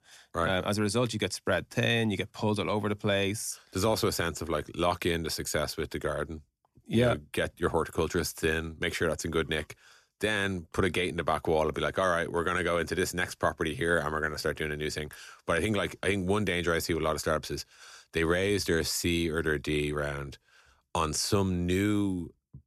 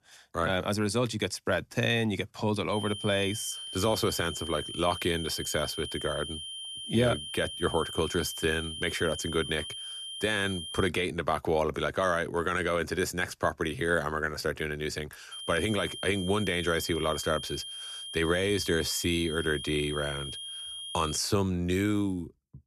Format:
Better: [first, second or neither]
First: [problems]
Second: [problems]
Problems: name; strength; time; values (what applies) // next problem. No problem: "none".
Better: first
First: none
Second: high-pitched whine; loud; from 2.5 to 11 s and from 15 to 21 s; 3 kHz, 8 dB below the speech